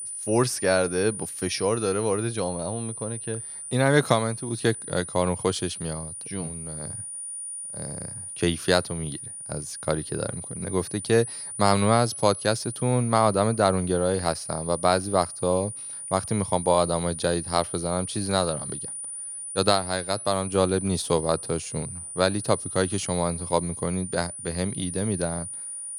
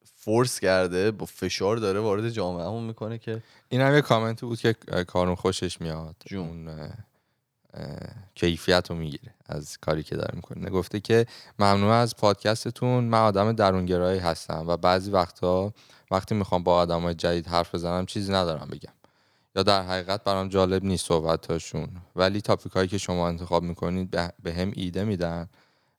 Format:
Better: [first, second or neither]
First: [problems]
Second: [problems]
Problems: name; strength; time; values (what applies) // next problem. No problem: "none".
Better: second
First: high-pitched whine; loud; throughout; 9.5 kHz, 8 dB below the speech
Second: none